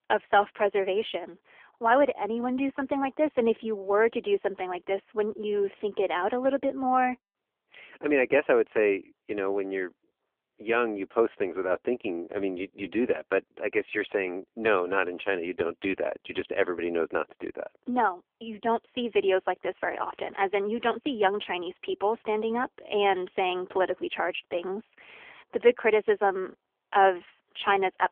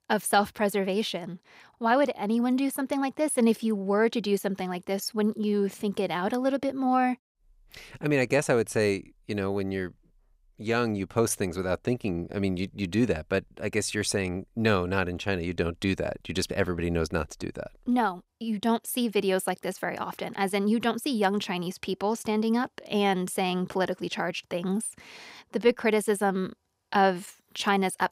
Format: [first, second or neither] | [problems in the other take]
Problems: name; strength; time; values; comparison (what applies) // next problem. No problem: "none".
second | phone-call audio; poor line; nothing above 3.5 kHz